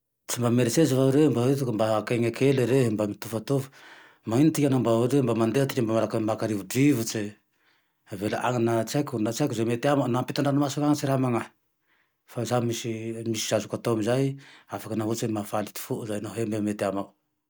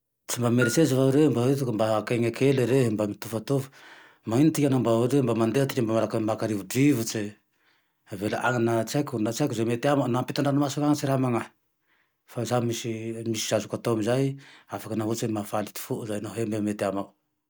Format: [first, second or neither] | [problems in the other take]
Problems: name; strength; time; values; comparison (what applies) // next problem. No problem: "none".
first | background sound (Bell); 15 dB below the speech